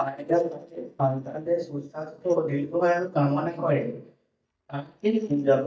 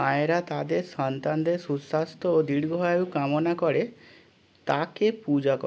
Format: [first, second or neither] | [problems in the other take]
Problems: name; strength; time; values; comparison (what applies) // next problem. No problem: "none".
second | noise reduction (neural mask model DeepFilterNet 3)